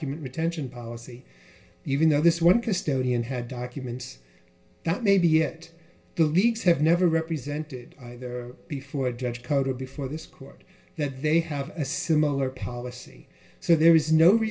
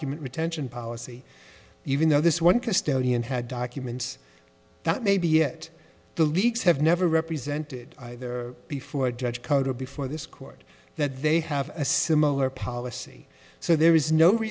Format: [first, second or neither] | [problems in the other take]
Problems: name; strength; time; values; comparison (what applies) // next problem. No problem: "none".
second | room echo; dies away in 0.2 s